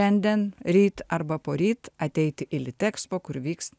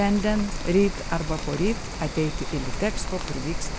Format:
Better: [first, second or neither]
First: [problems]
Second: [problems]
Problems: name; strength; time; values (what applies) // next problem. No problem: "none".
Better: first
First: none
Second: background sound (Rain); 3 dB below the speech